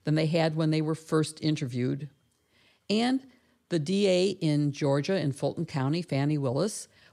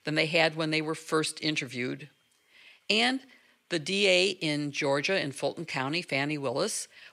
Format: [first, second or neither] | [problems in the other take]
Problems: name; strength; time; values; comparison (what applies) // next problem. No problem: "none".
first | thin; somewhat; fading below 700 Hz